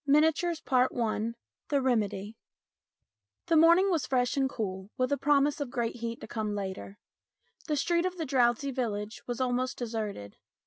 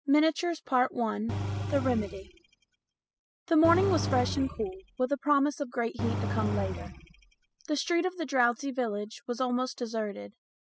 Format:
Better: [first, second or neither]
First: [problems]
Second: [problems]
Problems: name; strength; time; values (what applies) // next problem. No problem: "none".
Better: first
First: none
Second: noise reduction (classical method spectral subtraction)